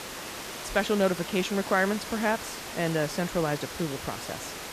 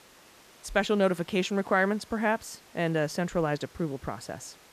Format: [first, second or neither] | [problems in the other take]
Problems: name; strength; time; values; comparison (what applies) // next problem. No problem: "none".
second | hiss; loud; throughout; 8 dB below the speech; faint in the second